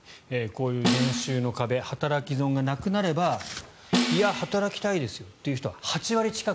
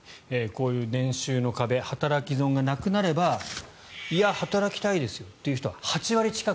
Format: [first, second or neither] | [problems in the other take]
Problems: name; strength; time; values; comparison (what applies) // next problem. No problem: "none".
second | background sound (Snare drum); 2 dB below the speech